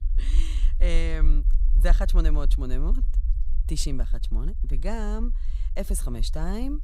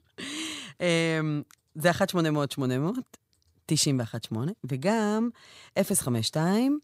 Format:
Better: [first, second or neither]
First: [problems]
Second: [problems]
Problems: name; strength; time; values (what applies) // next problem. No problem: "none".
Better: second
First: low rumble; noticeable; throughout; 15 dB below the speech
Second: none